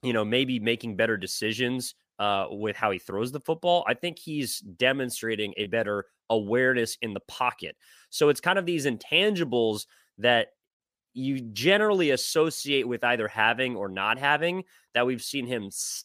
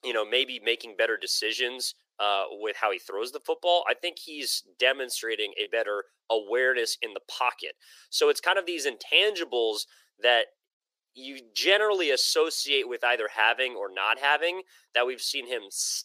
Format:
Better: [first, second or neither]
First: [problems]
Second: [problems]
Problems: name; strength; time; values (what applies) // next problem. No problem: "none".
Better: first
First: none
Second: thin; very; fading below 350 Hz